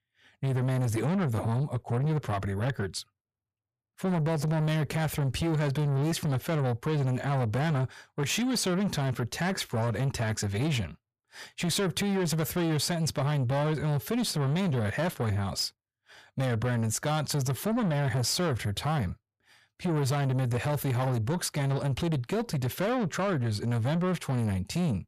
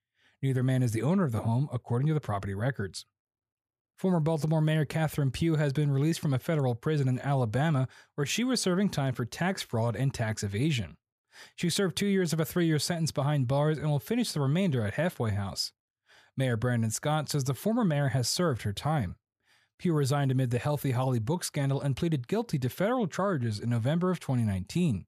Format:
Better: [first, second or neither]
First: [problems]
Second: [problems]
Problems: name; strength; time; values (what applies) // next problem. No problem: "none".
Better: second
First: distortion; slight; 10 dB below the speech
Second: none